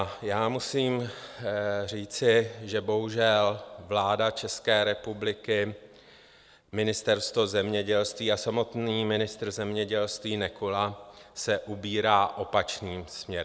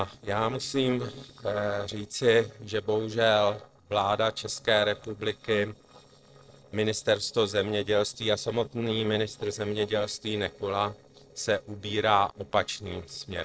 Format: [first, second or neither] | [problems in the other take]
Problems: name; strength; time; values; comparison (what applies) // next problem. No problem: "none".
first | noise reduction (neural separator model SepFormer DNS4)